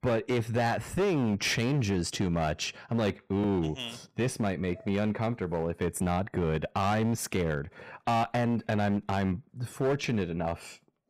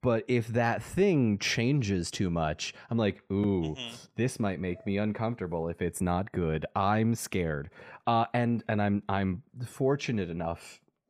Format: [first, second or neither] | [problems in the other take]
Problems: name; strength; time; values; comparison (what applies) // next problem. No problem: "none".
second | distortion; slight; 14% of the sound clipped